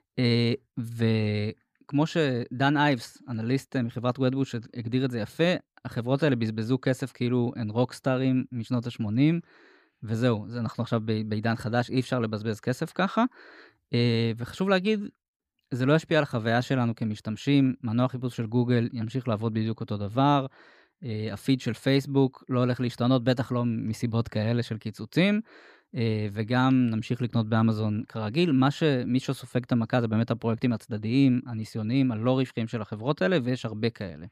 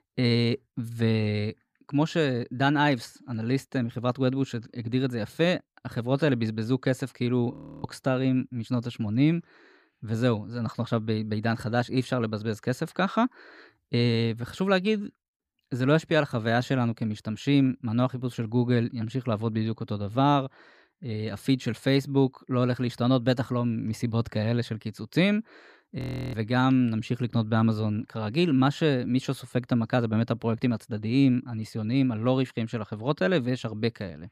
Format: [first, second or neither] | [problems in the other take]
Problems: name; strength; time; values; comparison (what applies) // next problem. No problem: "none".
first | audio freezing; at 7.5 s and at 26 s